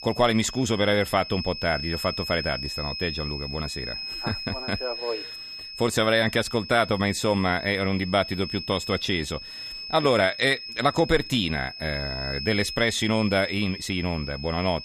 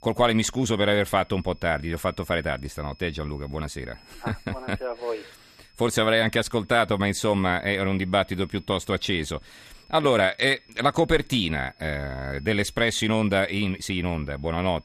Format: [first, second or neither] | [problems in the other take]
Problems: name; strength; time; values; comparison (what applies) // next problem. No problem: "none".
second | high-pitched whine; loud; throughout; 5 kHz, 8 dB below the speech; faint in the second